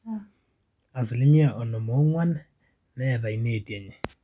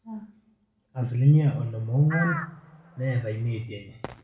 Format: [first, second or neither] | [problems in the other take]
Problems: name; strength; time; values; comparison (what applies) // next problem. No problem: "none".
first | background sound (Crow); 11 dB below the speech // room echo; dies away in 0.5 s